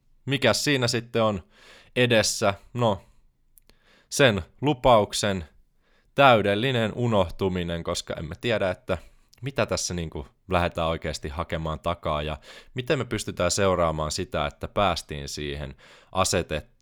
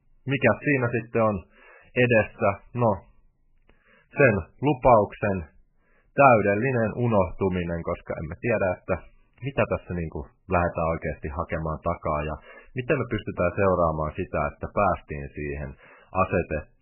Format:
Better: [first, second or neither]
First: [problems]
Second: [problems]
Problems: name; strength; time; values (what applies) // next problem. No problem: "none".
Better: first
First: none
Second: garbled, watery; badly; nothing above 2.5 kHz